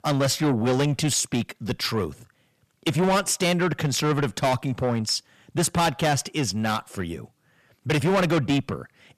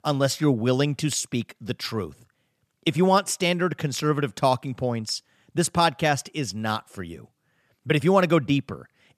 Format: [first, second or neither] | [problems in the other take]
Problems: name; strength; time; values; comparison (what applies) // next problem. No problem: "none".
second | distortion; heavy; 6 dB below the speech